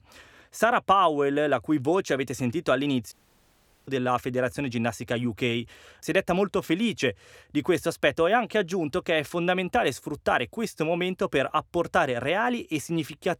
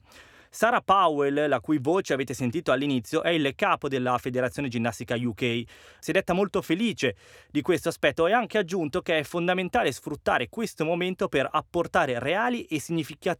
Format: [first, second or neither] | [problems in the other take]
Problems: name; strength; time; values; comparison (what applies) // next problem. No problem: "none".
second | audio cutting out; at 3 s for 1 s